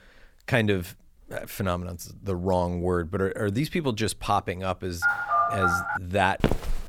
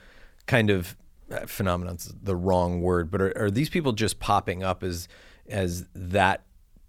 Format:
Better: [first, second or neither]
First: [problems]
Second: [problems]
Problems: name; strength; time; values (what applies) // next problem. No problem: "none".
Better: second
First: phone ringing; loud; at 5 s; peak 5 dB above the speech // footsteps; loud; at 6.5 s; peak level with the speech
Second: none